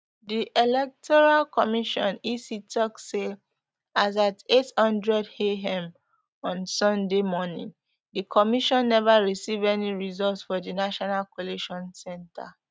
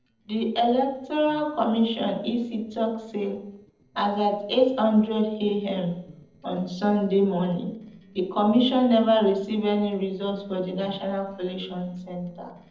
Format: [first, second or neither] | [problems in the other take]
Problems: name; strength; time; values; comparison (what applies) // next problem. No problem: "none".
first | noise reduction (neural separator model SepFormer DNS4)